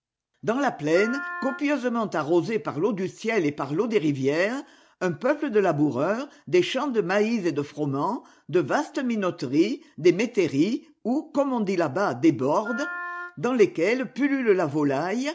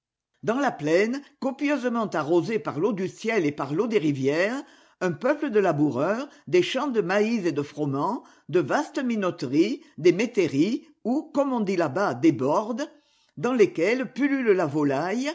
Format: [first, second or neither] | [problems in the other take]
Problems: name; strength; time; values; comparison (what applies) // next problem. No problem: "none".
second | background sound (Wind instrument, woodwind instrument); 12 dB below the speech